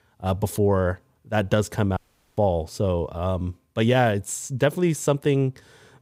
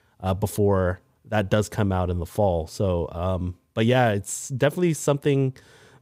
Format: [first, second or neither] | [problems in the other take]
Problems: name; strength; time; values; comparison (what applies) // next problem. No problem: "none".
second | audio cutting out; at 2 s